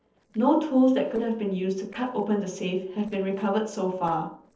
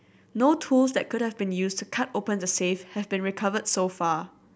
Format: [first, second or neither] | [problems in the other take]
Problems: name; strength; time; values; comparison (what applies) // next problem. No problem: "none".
second | noise reduction (neural separator model SepFormer DNS4)